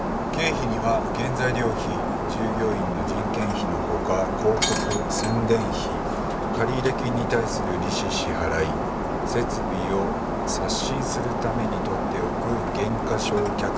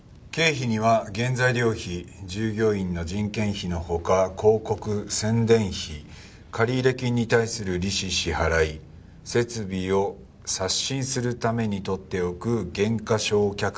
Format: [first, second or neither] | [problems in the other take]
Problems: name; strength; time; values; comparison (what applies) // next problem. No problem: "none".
second | background sound (Shatter); 2 dB above the speech